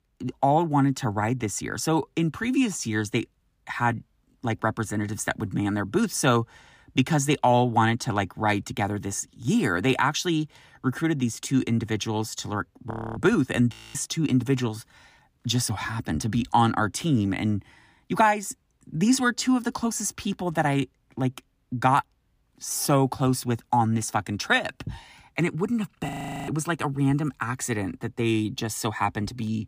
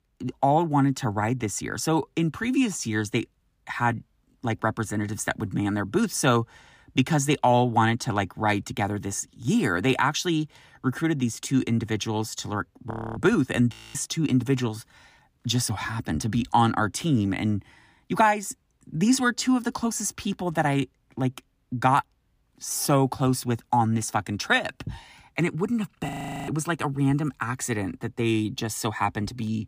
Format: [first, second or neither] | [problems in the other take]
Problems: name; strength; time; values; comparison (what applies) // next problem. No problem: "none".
neither | audio freezing; at 13 s, at 14 s and at 26 s; the same in both